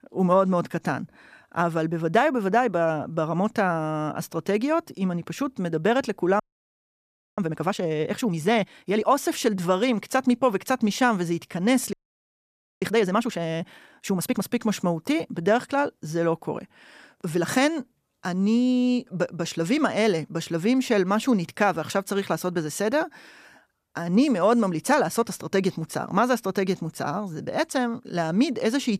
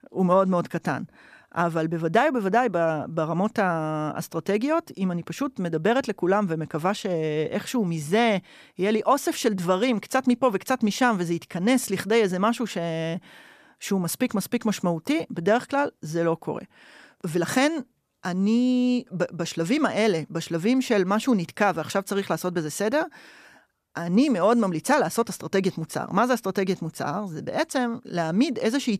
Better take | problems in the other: second | audio freezing; at 6.5 s for 1 s and at 12 s for 1 s

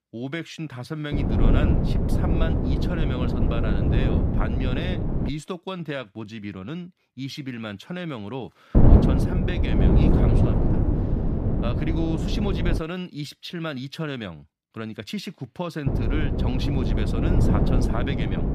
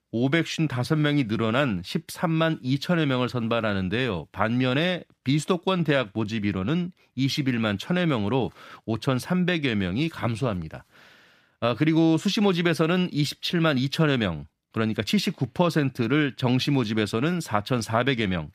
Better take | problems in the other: second | wind noise on the microphone; heavy; from 1 to 5.5 s, from 9 to 13 s and from 16 s on; 3 dB above the speech

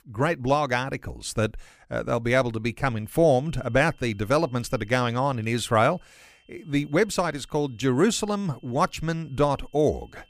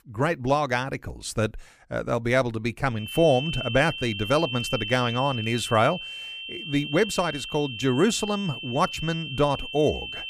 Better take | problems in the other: first | high-pitched whine; loud; from 3 s on; 3 kHz, 7 dB below the speech; faint in the first

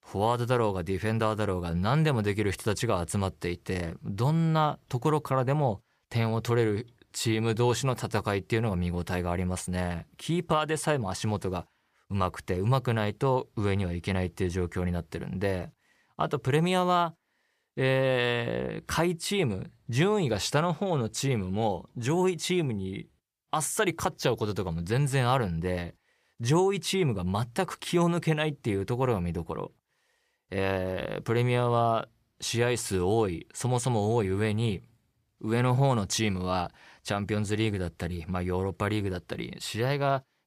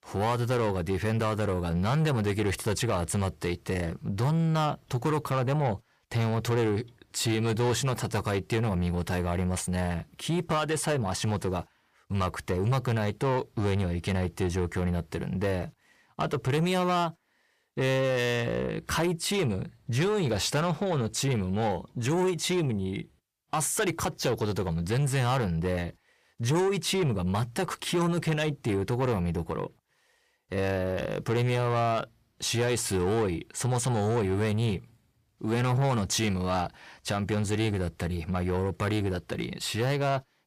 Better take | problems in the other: first | distortion; slight; 10 dB below the speech

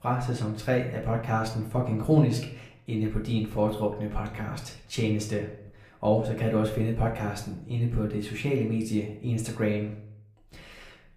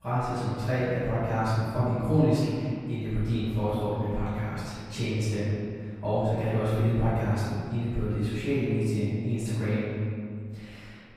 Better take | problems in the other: first | room echo; strong; dies away in 2 s; slight in the first // off-mic speech; far; somewhat distant in the first

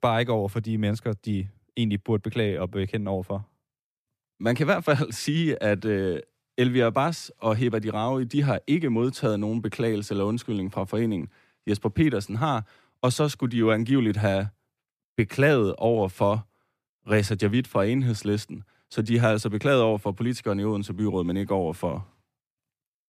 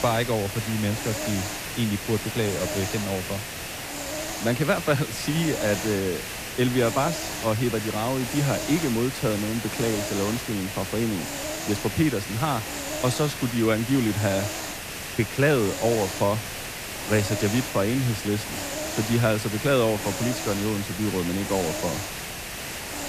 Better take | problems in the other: first | hiss; loud; throughout; 5 dB below the speech

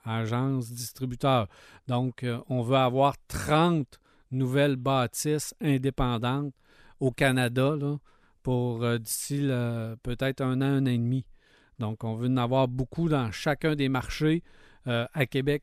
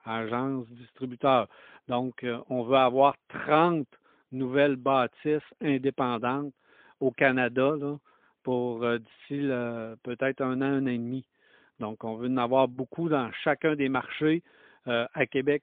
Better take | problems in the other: first | phone-call audio; poor line; nothing above 3.5 kHz

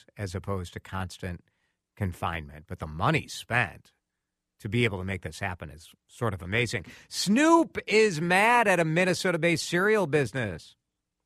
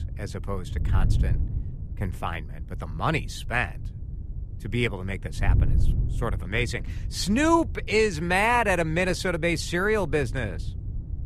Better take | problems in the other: first | wind noise on the microphone; occasional gusts; 20 dB below the speech

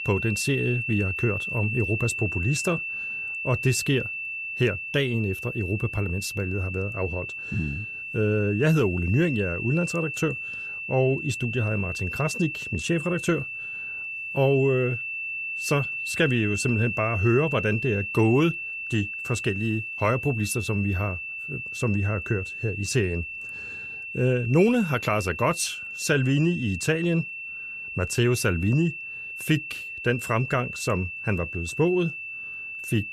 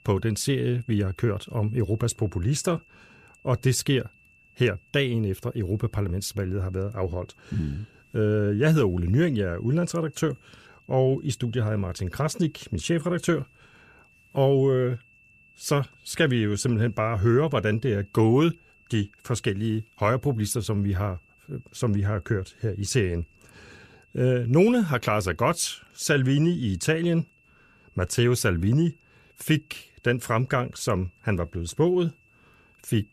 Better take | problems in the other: second | high-pitched whine; loud; throughout; 2.5 kHz, 5 dB below the speech; faint in the second

